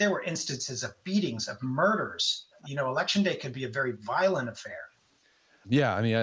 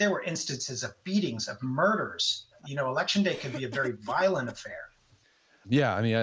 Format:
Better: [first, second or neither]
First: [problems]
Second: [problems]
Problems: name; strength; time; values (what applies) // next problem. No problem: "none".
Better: first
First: none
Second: background sound (Cough); 18 dB below the speech